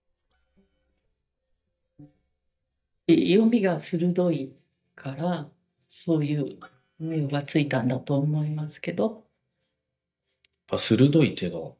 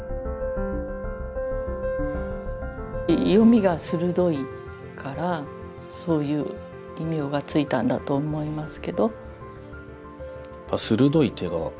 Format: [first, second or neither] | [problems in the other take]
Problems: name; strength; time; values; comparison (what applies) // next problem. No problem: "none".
second | noise reduction (neural mask model DeepFilterNet 3)